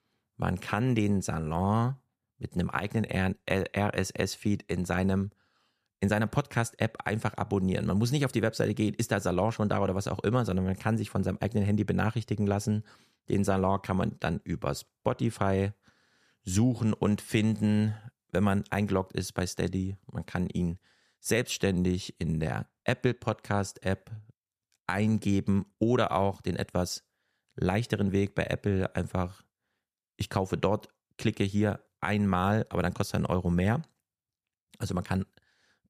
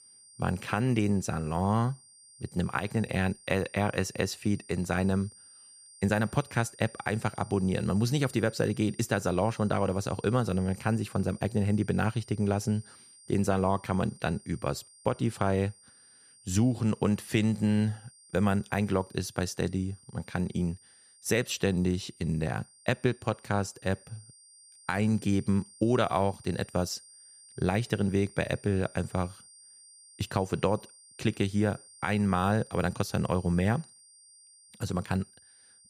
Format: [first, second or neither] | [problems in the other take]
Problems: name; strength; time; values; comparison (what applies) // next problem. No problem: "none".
first | high-pitched whine; faint; throughout; 9 kHz, 20 dB below the speech